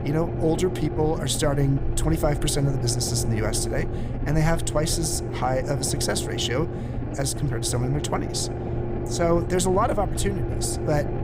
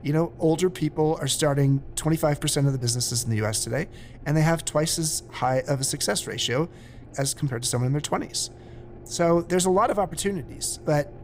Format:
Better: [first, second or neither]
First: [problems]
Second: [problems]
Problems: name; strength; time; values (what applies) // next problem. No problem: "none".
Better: second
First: low rumble; loud; throughout; 8 dB below the speech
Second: low rumble; faint; throughout; 25 dB below the speech